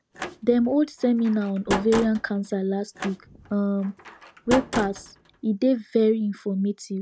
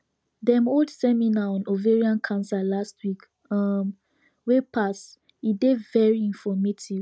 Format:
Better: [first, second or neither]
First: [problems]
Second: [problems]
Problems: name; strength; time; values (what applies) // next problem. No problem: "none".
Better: second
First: background sound (Slam); 10 dB below the speech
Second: none